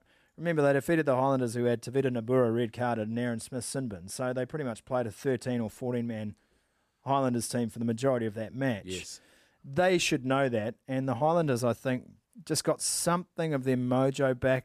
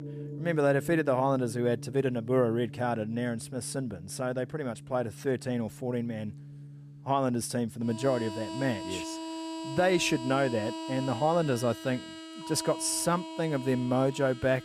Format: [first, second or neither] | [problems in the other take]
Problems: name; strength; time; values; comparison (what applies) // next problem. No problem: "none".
first | background music; noticeable; throughout; 10 dB below the speech